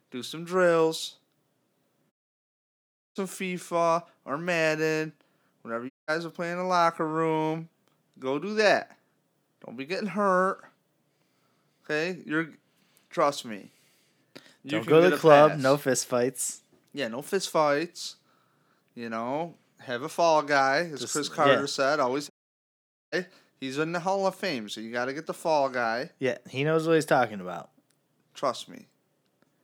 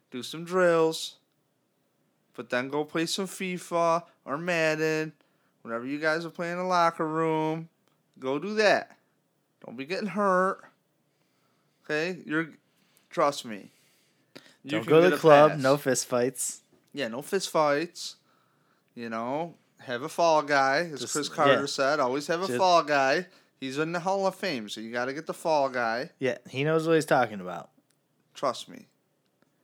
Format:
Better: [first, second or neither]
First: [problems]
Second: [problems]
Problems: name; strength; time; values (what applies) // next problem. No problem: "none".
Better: second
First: audio cutting out; at 2 s for 1 s, at 6 s and at 22 s for 1 s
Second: none